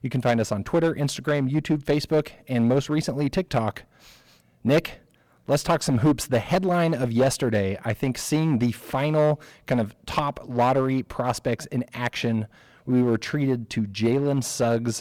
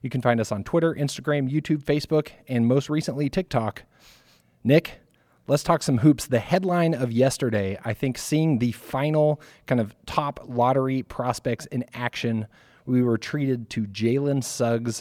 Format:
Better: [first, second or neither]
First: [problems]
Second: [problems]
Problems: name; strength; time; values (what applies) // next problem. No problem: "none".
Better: second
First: distortion; slight; 6% of the sound clipped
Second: none